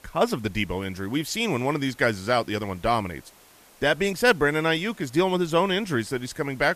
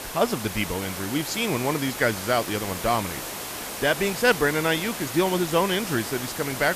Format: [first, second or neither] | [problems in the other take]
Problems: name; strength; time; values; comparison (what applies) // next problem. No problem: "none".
first | hiss; loud; throughout; 7 dB below the speech; faint in the first